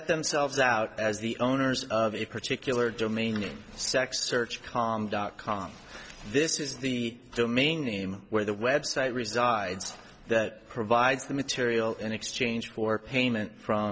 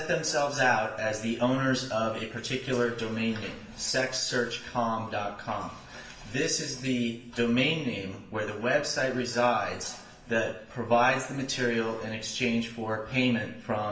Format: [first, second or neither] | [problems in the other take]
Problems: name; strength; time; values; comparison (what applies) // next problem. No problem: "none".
first | room echo; dies away in 0.9 s